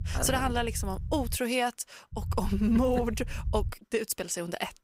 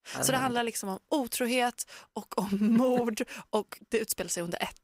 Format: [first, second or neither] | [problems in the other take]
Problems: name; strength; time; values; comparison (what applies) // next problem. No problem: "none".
second | low rumble; faint; until 1.5 s and from 2 to 3.5 s; 20 dB below the speech